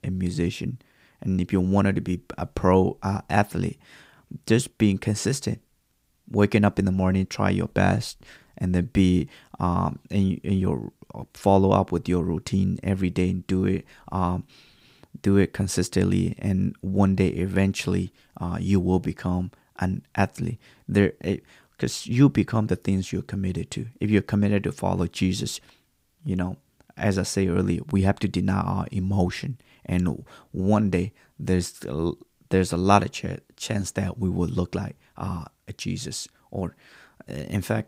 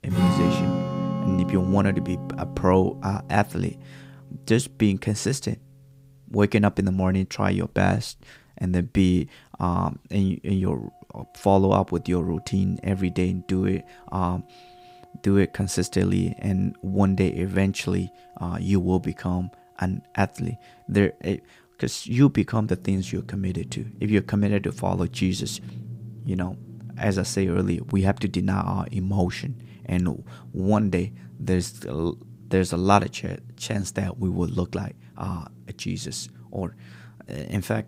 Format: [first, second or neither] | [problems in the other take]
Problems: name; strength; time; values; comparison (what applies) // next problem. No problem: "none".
first | background music; loud; throughout; 9 dB below the speech